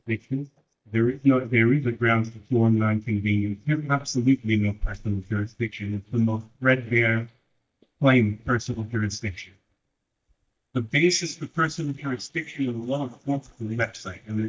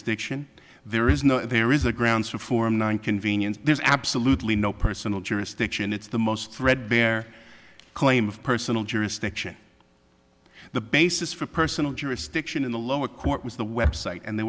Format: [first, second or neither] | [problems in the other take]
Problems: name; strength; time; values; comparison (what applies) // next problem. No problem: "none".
second | noise reduction (neural mask model DeepFilterNet 3)